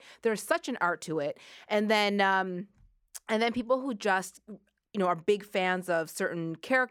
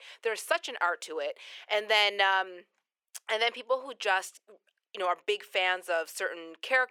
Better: first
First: none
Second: thin; very; fading below 450 Hz

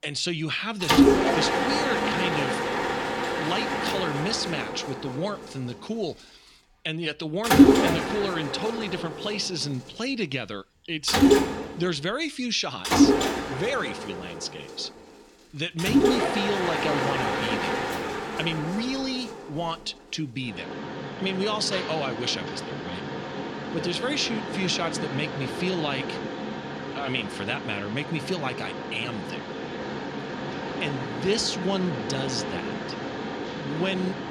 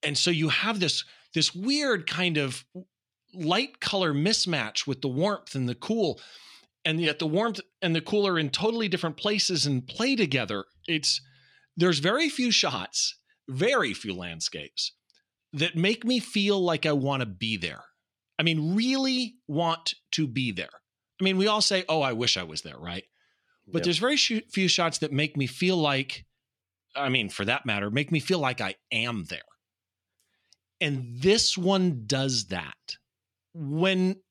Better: second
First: machinery noise; very loud; throughout; 3 dB above the speech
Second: none

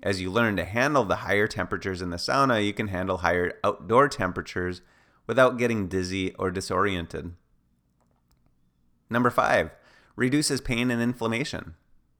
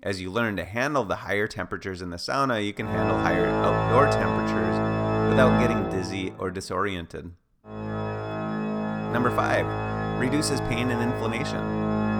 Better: first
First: none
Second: background music; very loud; from 3 s on; 1 dB above the speech

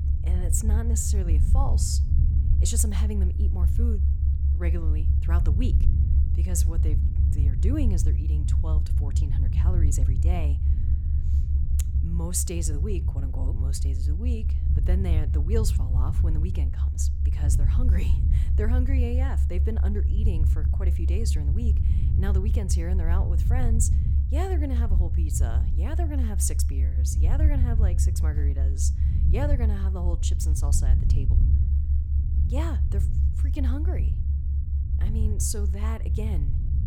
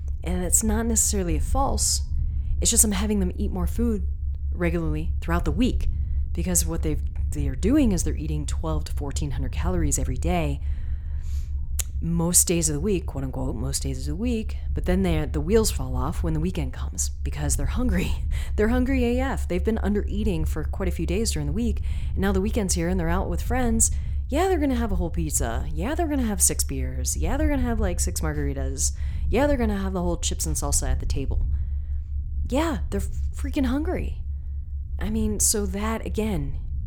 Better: second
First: low rumble; loud; throughout; 4 dB below the speech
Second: low rumble; faint; throughout; 20 dB below the speech

